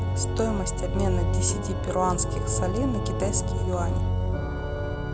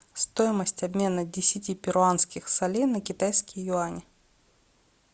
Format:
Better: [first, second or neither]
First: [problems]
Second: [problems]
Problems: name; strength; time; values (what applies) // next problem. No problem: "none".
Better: second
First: background sound (Organ); 4 dB above the speech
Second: none